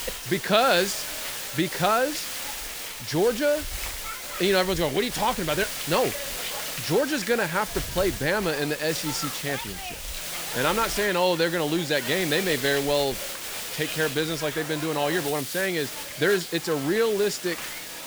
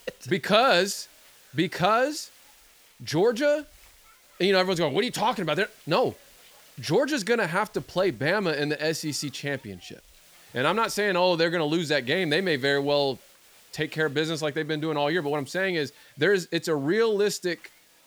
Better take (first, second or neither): second